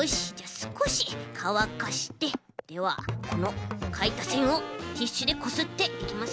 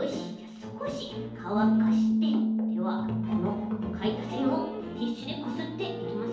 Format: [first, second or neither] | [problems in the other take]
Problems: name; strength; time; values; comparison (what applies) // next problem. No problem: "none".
first | background sound (Bass guitar); 2 dB above the speech // room echo; dies away in 2.2 s